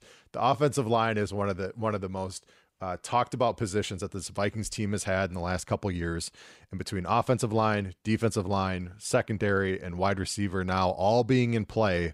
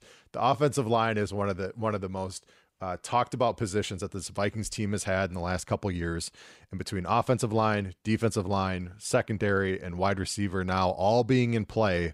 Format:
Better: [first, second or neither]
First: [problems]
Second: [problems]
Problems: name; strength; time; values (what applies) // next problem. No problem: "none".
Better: neither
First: none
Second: none